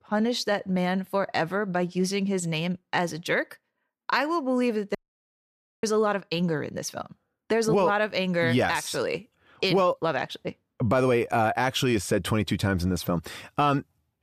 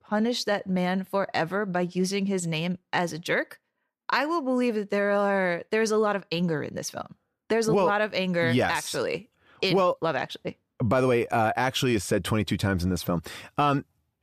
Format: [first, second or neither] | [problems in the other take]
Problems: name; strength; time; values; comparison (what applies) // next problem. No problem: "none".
second | audio cutting out; at 5 s for 1 s